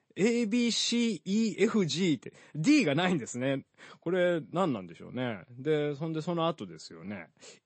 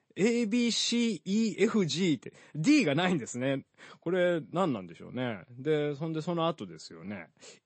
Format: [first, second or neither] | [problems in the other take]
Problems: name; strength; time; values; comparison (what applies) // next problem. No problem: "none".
neither | garbled, watery; slightly; nothing above 8 kHz; the same in both